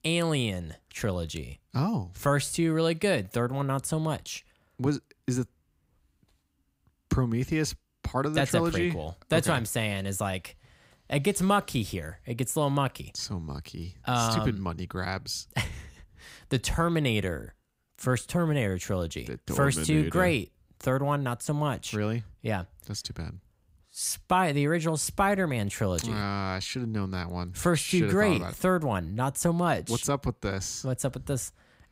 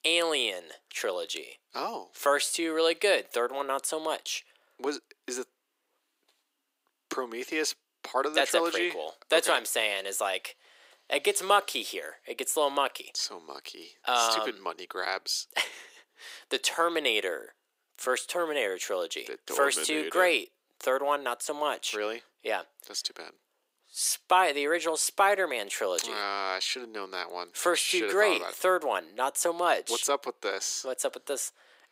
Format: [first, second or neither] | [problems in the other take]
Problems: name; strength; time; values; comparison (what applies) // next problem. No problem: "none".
first | thin; very; fading below 350 Hz